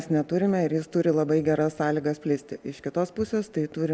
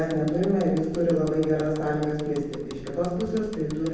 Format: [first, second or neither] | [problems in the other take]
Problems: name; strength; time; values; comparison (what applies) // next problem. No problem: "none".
first | background sound (Bicycle); 18 dB below the speech // room echo; dies away in 1.1 s